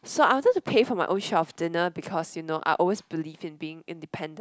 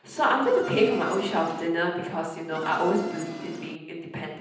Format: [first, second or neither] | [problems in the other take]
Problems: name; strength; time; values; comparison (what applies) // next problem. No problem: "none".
first | background sound (Insect); 11 dB below the speech // room echo; dies away in 0.9 s